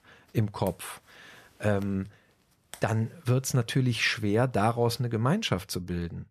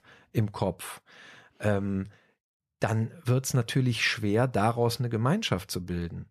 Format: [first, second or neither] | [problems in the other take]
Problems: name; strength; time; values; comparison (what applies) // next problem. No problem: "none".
second | household noises; faint; until 5 s; 25 dB below the speech